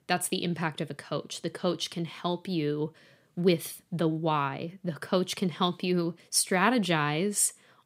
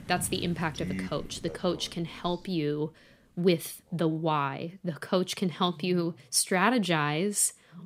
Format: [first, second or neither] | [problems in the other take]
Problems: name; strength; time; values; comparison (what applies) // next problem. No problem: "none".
first | animal sounds; noticeable; throughout; 15 dB below the speech